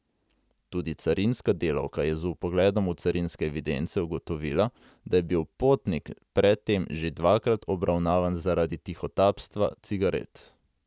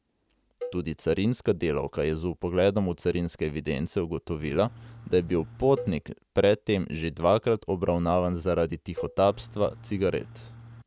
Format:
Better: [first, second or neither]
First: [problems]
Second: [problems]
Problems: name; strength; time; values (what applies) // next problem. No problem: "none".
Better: first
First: none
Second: background sound (Engine / Truck + Cowbell); 17 dB below the speech